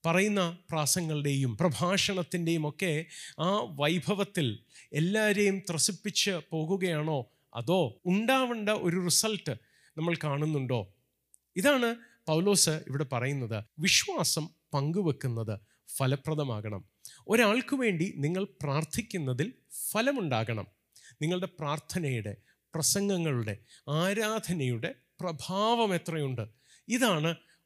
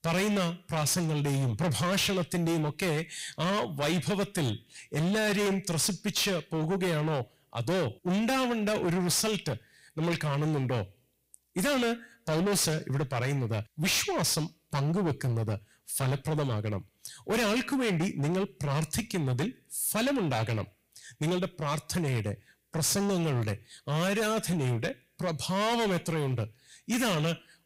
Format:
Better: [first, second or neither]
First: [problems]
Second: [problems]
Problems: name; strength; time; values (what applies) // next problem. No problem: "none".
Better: first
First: none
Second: distortion; heavy; 23% of the sound clipped